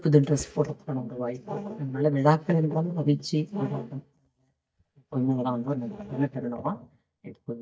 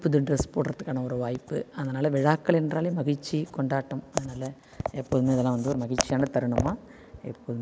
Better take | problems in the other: second | noise reduction (neural mask model DeepFilterNet 3)

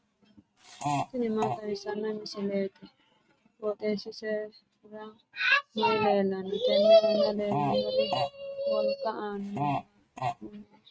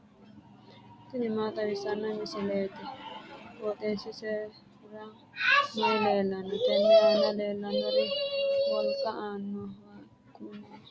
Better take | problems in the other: second | noise reduction (neural mask model RNNoise)

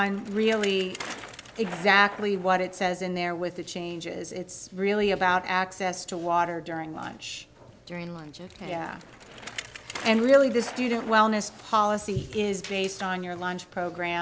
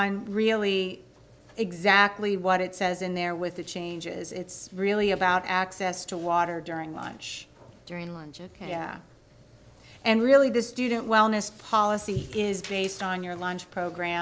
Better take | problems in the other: second | background sound (Bicycle); 18 dB below the speech

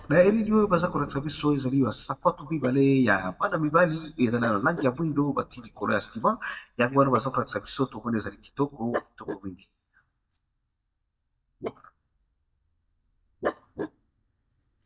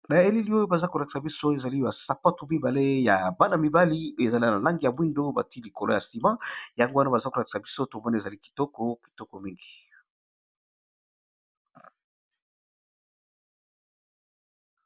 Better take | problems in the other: second | noise reduction (neural mask model DeepFilterNet 3)

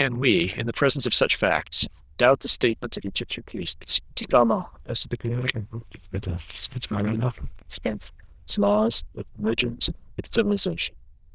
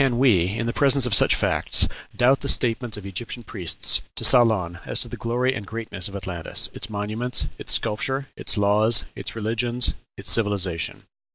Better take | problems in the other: second | noise reduction (neural diffusion model UNIVERSE++)

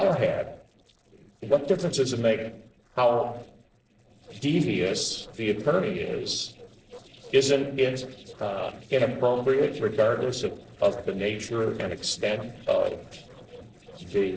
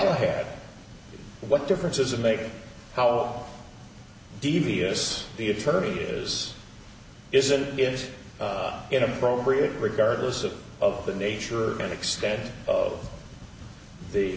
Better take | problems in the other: second | noise reduction (neural separator model SepFormer DNS4)

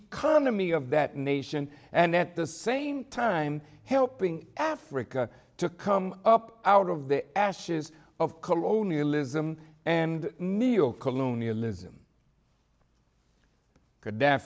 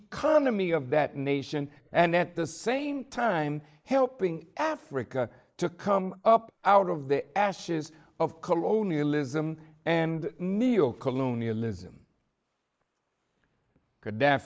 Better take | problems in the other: first | noise reduction (neural mask model Resemble Enhance denoiser)

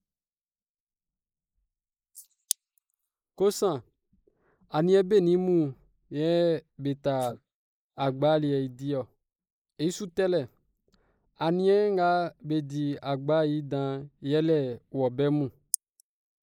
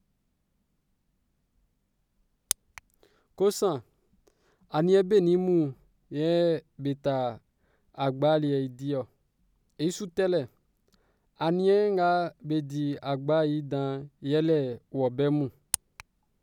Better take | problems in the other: second | noise reduction (neural mask model Resemble Enhance denoiser)

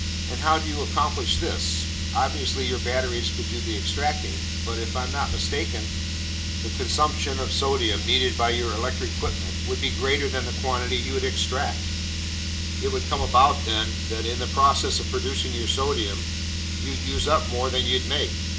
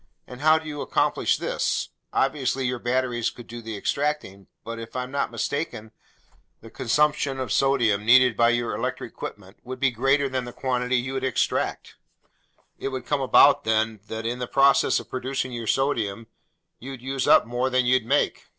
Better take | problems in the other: second | background sound (Car); as loud as the speech // room echo; dies away in 0.5 s

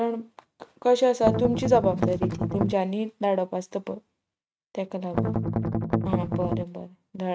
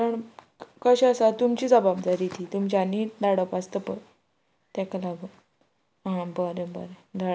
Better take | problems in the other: second | noise reduction (neural mask model RNNoise)

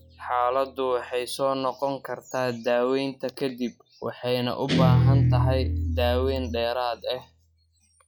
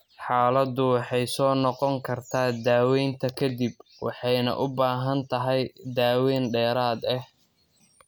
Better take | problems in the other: second | noise reduction (classical method log-MMSE)

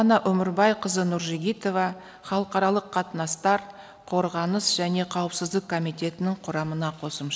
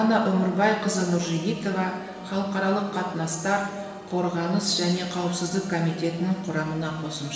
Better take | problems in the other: first | background sound (Organ); 16 dB below the speech // room echo; dies away in 1.3 s

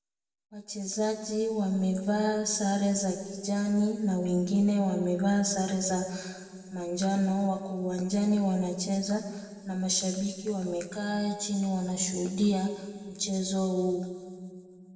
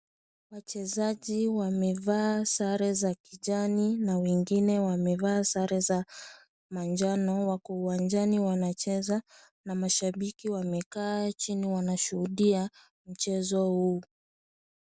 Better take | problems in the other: second | room echo; dies away in 2.3 s

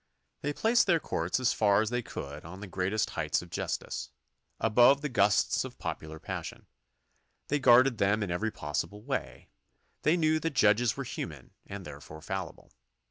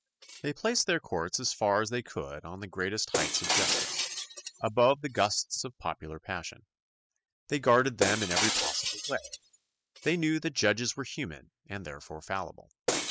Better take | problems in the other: first | noise reduction (classical method spectral subtraction)

